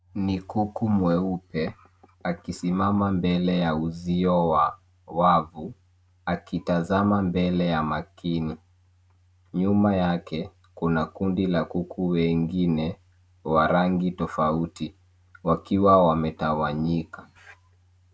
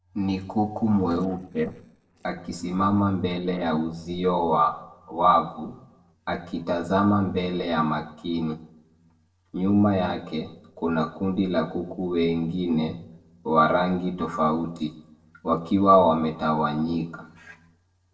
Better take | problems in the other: first | noise reduction (neural separator model SepFormer DNS4)

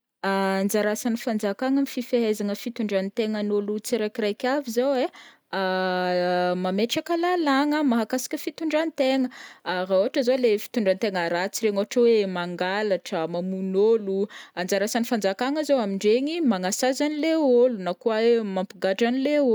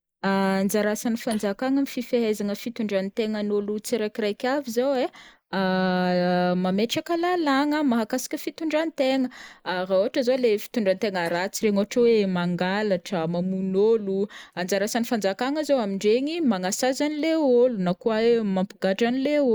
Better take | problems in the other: first | noise reduction (neural mask model Resemble Enhance denoiser)

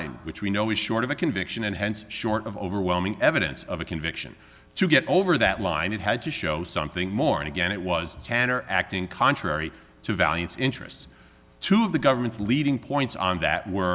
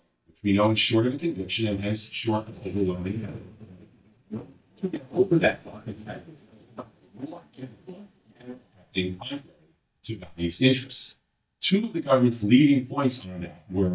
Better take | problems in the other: first | noise reduction (neural mask model DeepFilterNet 3)

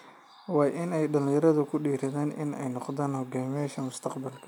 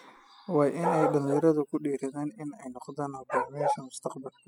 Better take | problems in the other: first | noise reduction (classical method spectral subtraction)

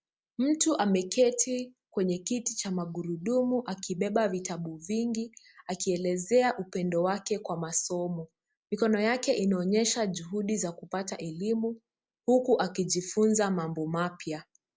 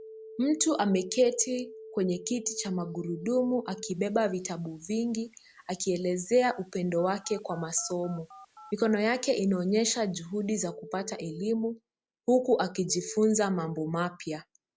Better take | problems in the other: first | background sound (Telephone); 19 dB below the speech

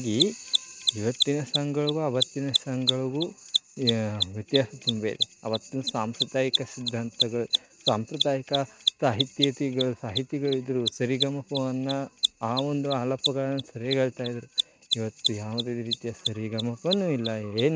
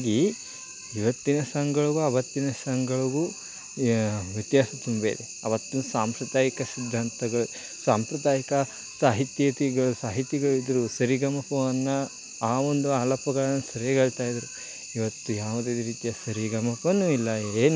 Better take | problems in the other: second | noise reduction (neural mask model RNNoise)

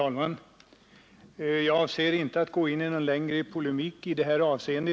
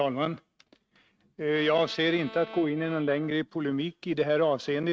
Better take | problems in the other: first | noise reduction (neural mask model RNNoise)

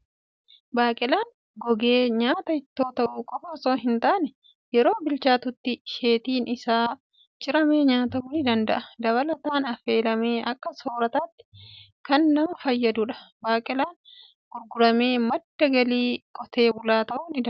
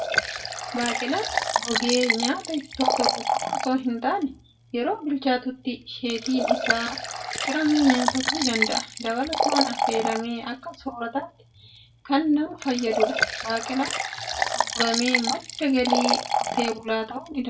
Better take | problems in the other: first | background sound (Liquid); 1 dB below the speech // room echo; dies away in 0.2 s

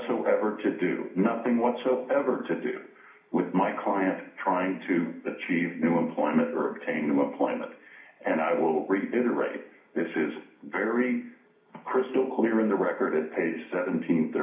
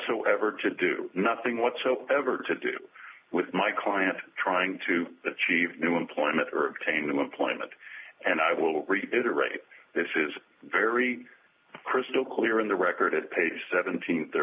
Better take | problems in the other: second | room echo; dies away in 0.5 s

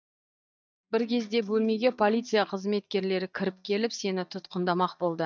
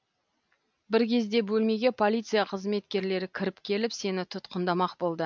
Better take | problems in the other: second | noise reduction (neural mask model DeepFilterNet 3)

